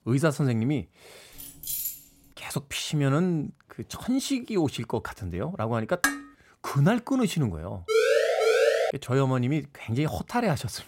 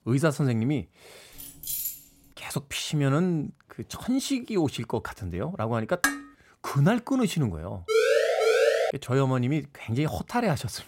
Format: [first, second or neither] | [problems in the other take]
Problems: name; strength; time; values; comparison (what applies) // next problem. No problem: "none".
neither | jangling keys; noticeable; at 1.5 s; peak 2 dB below the speech; the same in both // clattering dishes; loud; at 6 s; peak level with the speech; the same in both // siren; loud; from 8 to 9 s; peak 6 dB above the speech; the same in both